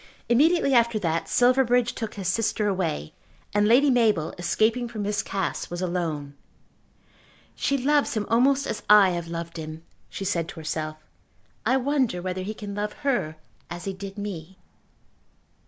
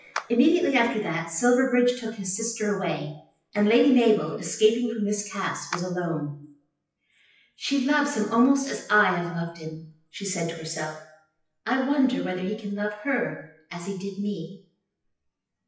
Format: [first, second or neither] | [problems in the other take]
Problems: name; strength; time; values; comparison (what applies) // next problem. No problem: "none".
first | noise reduction (classical method WPE with log-MMSE)